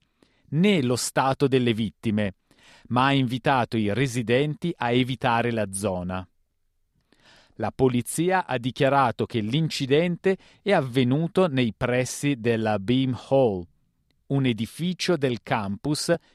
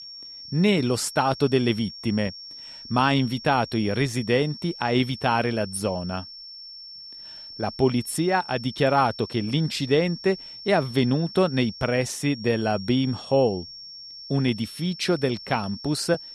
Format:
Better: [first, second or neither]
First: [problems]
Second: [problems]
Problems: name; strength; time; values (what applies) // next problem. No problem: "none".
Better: first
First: none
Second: high-pitched whine; noticeable; throughout; 5.5 kHz, 15 dB below the speech